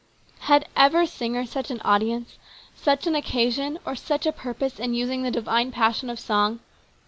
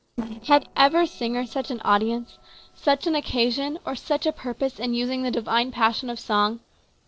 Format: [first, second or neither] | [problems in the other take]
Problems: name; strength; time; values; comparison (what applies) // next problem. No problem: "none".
first | noise reduction (neural separator model SepFormer DNS4)